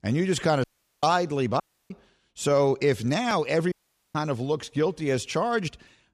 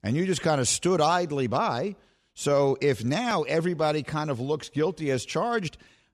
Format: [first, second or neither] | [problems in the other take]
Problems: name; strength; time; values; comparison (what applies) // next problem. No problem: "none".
second | audio cutting out; at 0.5 s, at 1.5 s and at 3.5 s